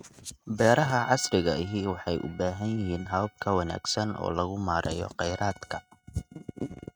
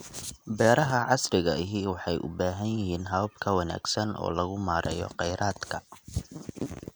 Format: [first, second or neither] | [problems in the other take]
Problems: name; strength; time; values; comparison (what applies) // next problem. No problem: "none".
second | noise reduction (neural mask model RNNoise)